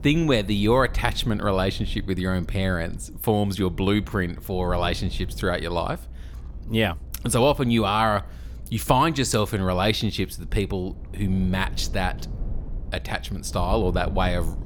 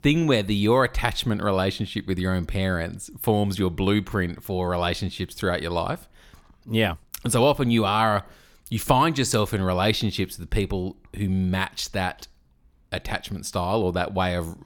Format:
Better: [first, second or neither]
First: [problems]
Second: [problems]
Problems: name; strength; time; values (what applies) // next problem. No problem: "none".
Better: second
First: low rumble; faint; throughout; 25 dB below the speech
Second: none